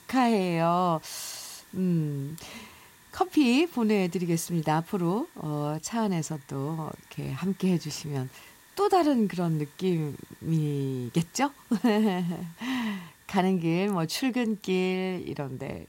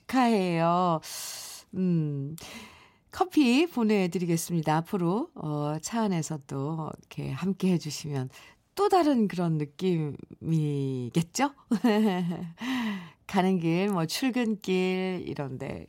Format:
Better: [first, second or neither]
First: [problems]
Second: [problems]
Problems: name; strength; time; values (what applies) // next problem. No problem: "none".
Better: second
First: hiss; faint; throughout; 25 dB below the speech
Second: none